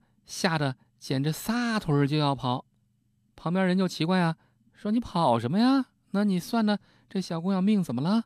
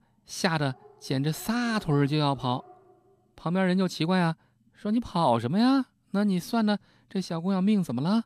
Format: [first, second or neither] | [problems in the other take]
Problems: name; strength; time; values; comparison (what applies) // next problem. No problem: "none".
first | animal sounds; faint; until 3 s; 25 dB below the speech